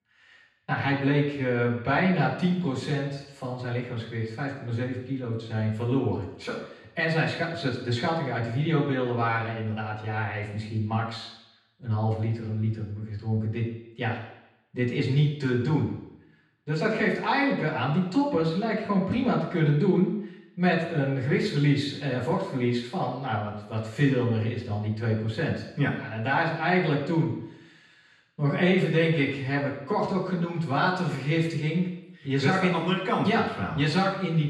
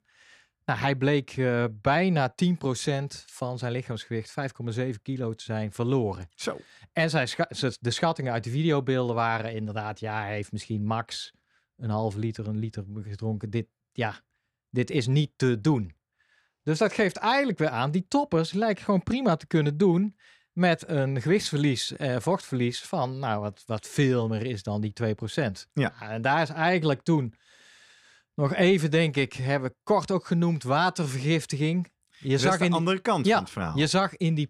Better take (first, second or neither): second